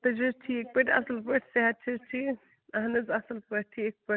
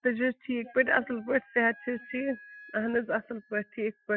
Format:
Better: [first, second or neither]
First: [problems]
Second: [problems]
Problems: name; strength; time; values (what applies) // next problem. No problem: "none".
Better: first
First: none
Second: noise reduction (classical method Wiener filter)